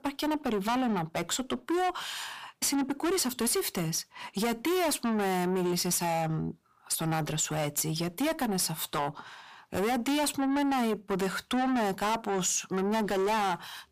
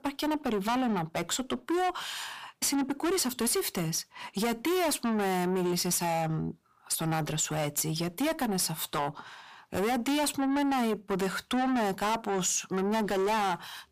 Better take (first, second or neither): neither